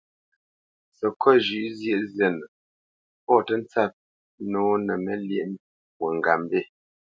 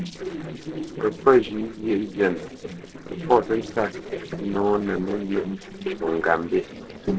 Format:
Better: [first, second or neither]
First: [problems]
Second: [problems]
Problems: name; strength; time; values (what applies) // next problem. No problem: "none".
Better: first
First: none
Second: noise reduction (neural separator model SepFormer DNS4)